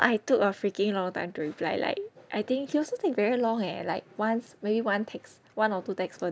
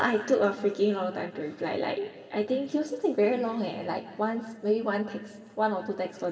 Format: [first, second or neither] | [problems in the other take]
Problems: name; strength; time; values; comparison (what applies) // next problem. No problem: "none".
first | room echo; dies away in 2.4 s